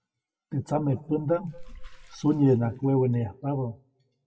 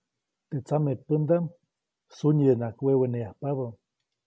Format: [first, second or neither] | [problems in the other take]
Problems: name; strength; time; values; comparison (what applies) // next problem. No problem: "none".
second | noise reduction (classical method WPE with log-MMSE)